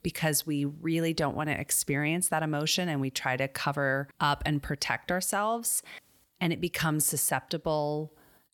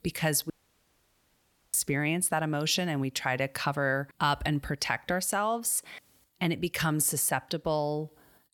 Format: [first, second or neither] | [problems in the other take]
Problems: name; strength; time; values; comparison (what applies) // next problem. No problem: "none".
first | audio cutting out; at 0.5 s for 1 s